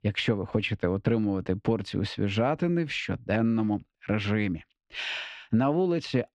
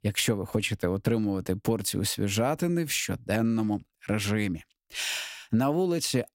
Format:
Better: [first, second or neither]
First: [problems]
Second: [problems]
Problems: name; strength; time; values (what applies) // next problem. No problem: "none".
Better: second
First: muffled; slightly; fading above 3.5 kHz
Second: none